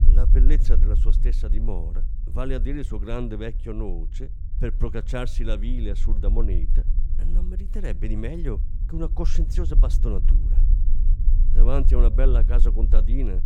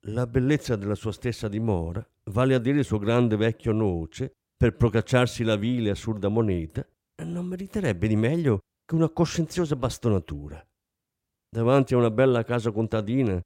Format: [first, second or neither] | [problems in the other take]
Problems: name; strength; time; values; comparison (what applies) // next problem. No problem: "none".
second | low rumble; noticeable; throughout; 10 dB below the speech